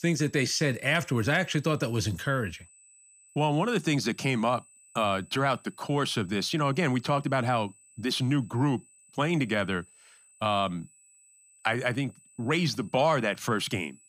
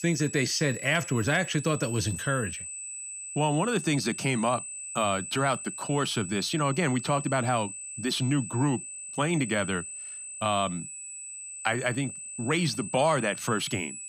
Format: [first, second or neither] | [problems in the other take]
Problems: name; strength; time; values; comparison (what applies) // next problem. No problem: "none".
first | high-pitched whine; loud; throughout; 8 kHz, 8 dB below the speech; faint in the first